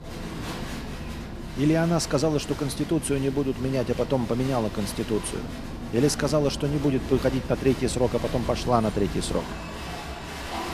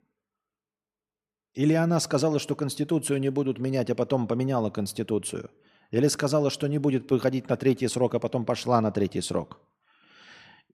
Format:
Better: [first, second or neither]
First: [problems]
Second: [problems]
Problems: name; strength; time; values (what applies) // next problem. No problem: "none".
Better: second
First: crowd noise; loud; throughout; 10 dB below the speech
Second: none